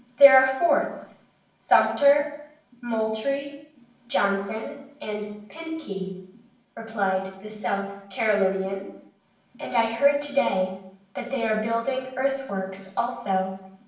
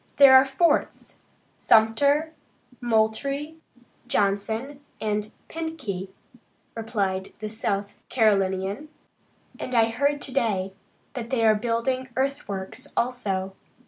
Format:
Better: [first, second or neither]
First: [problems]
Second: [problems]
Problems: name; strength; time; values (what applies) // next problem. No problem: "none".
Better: second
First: room echo; dies away in 0.6 s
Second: none